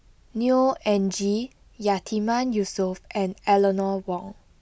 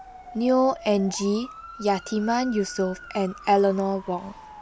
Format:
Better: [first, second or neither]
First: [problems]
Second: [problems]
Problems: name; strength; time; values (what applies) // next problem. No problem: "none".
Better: first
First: none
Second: background sound (Motor vehicle (road) / Siren); 18 dB below the speech